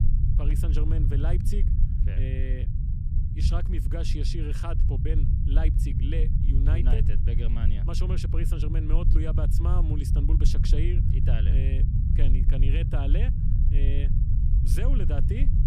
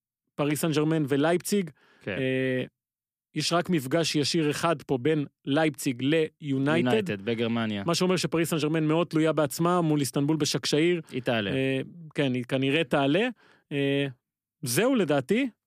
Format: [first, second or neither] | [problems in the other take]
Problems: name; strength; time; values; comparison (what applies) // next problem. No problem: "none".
second | low rumble; loud; throughout; 2 dB below the speech